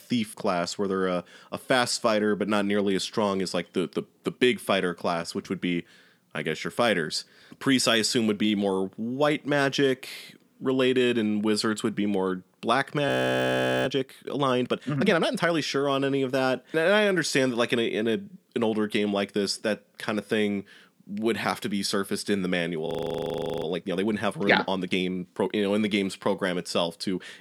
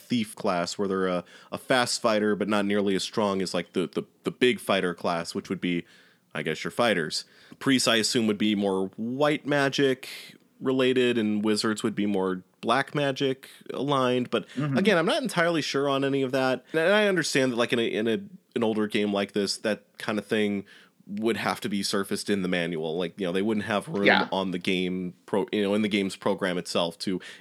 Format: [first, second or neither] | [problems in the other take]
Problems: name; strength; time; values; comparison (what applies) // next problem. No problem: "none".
second | audio freezing; at 13 s for 1 s and at 23 s for 1 s